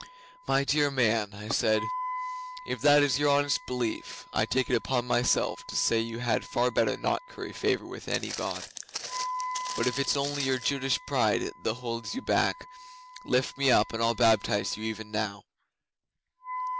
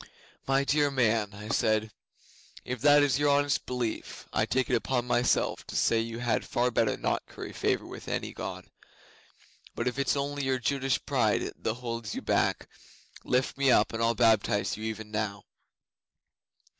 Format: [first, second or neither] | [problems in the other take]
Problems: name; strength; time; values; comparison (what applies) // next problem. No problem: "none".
second | background sound (Walk, footsteps + Wind instrument, woodwind instrument); 11 dB below the speech